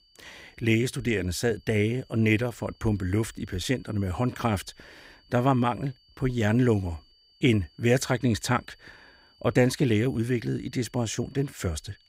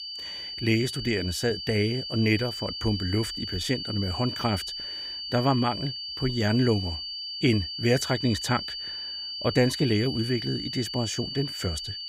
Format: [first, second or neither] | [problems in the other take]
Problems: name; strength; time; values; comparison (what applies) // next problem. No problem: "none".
first | high-pitched whine; loud; throughout; 4.5 kHz, 5 dB below the speech; faint in the first